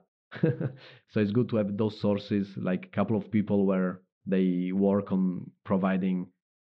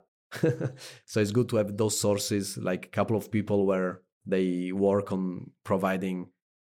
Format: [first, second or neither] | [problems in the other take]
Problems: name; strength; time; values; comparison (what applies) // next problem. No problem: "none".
second | muffled; very; fading above 3.5 kHz